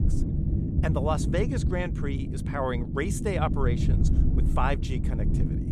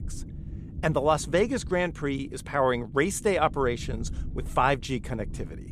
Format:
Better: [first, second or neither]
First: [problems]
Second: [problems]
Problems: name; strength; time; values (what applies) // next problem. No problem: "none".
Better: second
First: low rumble; loud; throughout; 7 dB below the speech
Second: low rumble; faint; throughout; 25 dB below the speech